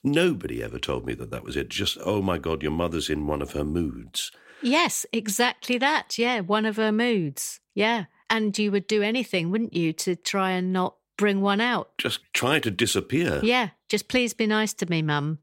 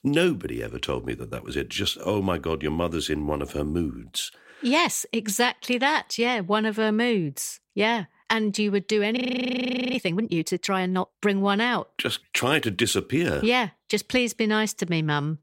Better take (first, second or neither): first